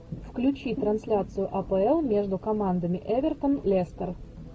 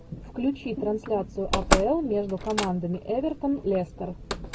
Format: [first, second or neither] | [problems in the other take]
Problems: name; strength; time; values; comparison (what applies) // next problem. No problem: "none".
first | background sound (Slam); 4 dB below the speech